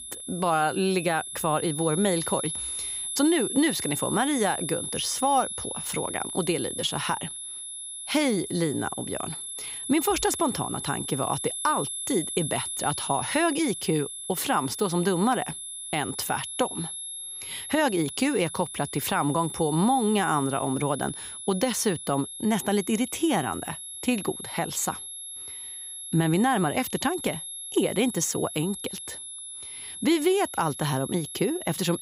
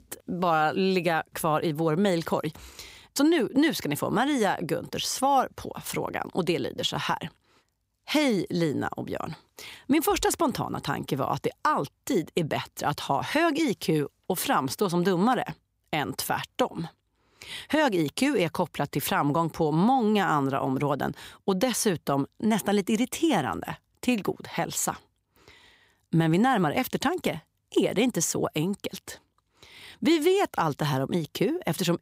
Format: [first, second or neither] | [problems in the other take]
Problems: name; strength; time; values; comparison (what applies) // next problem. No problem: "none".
second | high-pitched whine; loud; throughout; 11 kHz, 6 dB below the speech